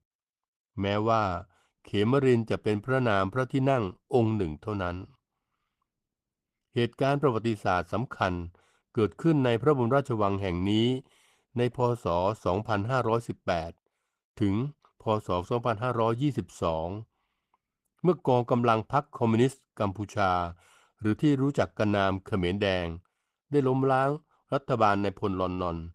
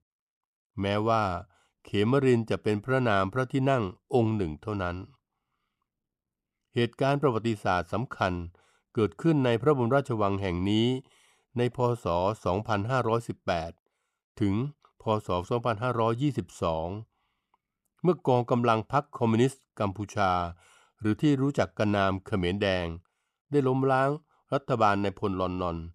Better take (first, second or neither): second